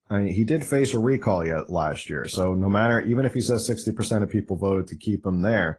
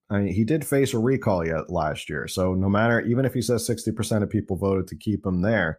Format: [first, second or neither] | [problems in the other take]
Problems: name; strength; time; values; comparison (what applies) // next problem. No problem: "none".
second | garbled, watery; slightly; nothing above 10.5 kHz